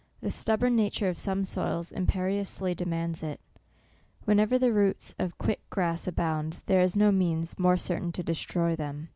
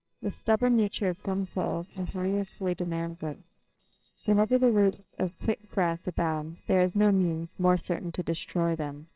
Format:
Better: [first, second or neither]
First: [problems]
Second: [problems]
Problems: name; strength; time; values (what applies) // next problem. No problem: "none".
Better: first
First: none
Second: noise reduction (neural separator model SepFormer WHAMR!)